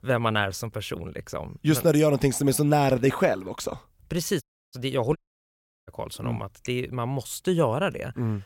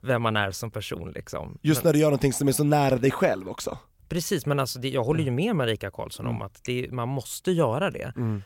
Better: second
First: audio cutting out; at 4.5 s and at 5 s for 0.5 s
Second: none

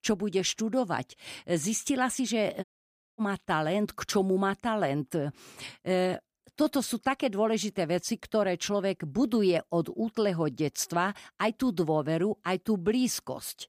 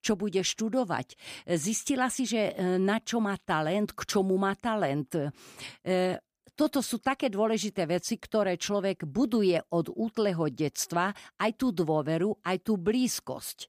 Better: second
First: audio cutting out; at 2.5 s for 0.5 s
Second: none

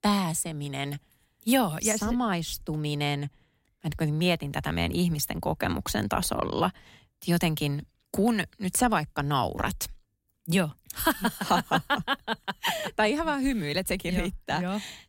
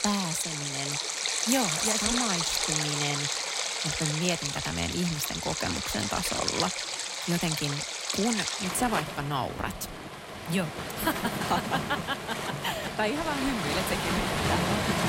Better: first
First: none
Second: rain or running water; very loud; throughout; 2 dB above the speech

